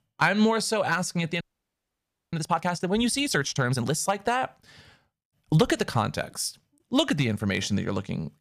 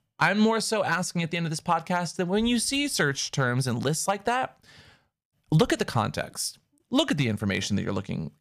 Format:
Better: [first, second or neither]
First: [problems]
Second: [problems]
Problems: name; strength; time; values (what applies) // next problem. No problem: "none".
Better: second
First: audio freezing; at 1.5 s for 1 s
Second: none